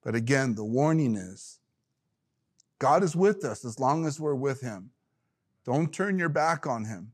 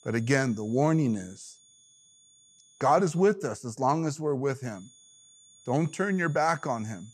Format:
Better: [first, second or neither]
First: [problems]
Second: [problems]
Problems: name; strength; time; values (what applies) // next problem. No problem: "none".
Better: first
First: none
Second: high-pitched whine; faint; until 3 s and from 4.5 s on; 6.5 kHz, 30 dB below the speech